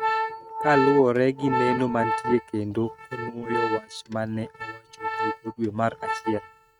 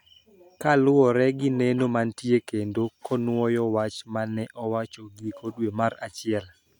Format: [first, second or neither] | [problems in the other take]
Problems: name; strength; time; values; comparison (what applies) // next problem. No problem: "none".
second | noise reduction (neural mask model RNNoise)